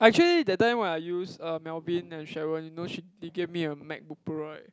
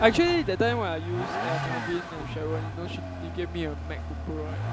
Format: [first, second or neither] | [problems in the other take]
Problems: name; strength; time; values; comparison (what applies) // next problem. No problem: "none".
first | background sound (Vehicle); 4 dB below the speech